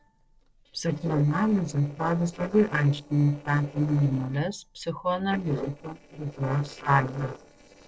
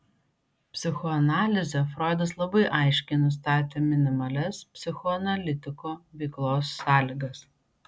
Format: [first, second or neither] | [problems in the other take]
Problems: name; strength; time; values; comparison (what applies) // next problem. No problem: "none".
second | noise reduction (neural separator model SepFormer DNS4)